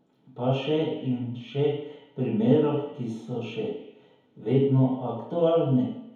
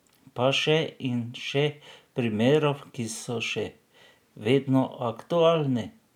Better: second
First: room echo; dies away in 2 s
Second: none

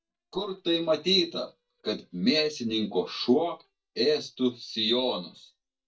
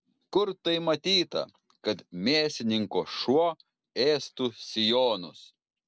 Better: second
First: noise reduction (neural mask model DeepFilterNet 3)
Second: none

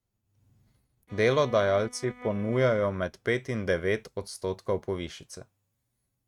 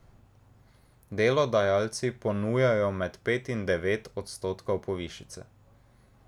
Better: second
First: noise reduction (neural mask model RNNoise)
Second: none

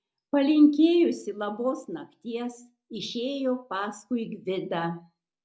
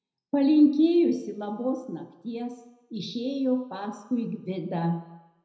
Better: first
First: none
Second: room echo; dies away in 0.7 s

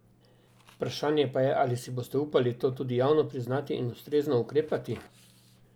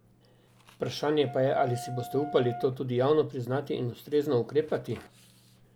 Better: first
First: none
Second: background sound (Wind instrument, woodwind instrument); 13 dB below the speech

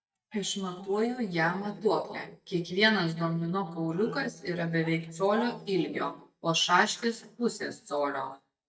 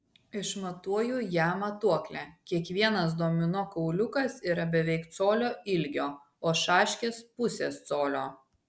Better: second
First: noise reduction (neural mask model DeepFilterNet 3)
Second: none

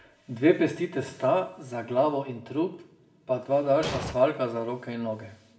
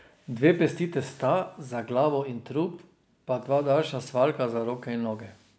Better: second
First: background sound (Explosion); 5 dB below the speech // room echo; dies away in 0.5 s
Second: none

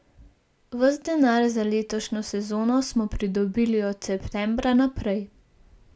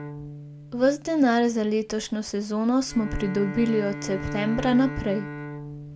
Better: first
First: none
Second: background sound (Bowed string instrument); 11 dB below the speech

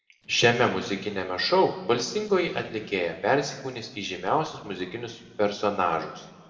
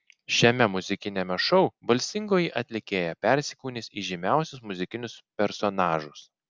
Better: second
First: noise reduction (neural separator model SepFormer DNS4)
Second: none

